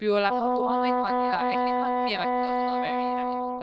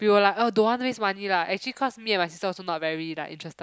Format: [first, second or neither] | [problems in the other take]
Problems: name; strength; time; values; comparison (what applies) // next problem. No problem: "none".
second | noise reduction (neural diffusion model UNIVERSE++)